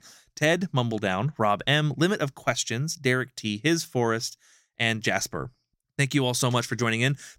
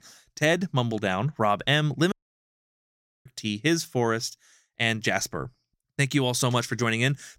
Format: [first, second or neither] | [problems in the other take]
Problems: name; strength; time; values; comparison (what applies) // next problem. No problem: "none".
first | audio cutting out; at 2 s for 1 s